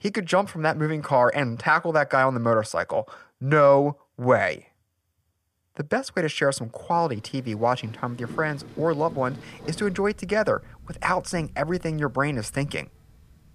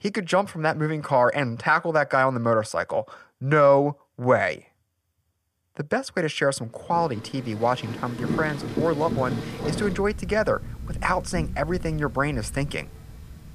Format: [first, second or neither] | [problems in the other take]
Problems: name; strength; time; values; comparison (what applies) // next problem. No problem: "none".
first | rain or running water; loud; from 7.5 s on; 10 dB below the speech; faint in the first